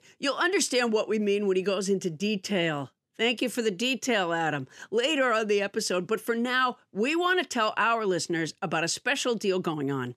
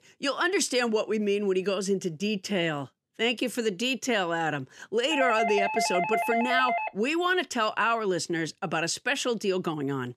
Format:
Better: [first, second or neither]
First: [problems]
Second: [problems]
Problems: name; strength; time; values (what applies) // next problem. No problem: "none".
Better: first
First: none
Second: doorbell; noticeable; from 5 to 7 s; peak level with the speech